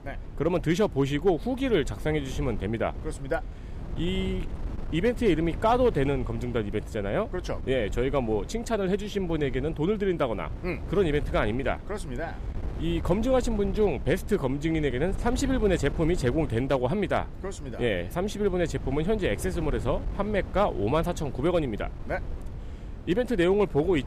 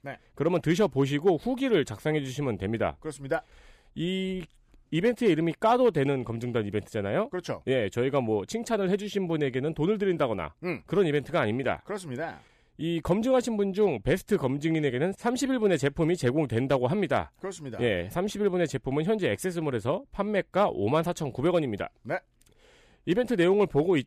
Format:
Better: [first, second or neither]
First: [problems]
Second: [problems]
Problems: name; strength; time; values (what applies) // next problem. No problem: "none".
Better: second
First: wind noise on the microphone; occasional gusts; 20 dB below the speech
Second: none